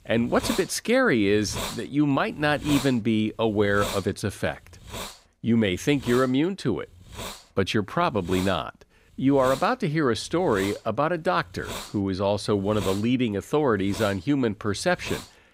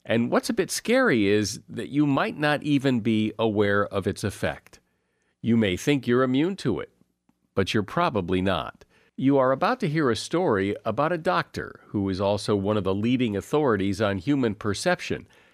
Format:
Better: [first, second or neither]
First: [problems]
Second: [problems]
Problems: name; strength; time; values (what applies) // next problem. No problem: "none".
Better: second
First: hiss; noticeable; throughout; 10 dB below the speech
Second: none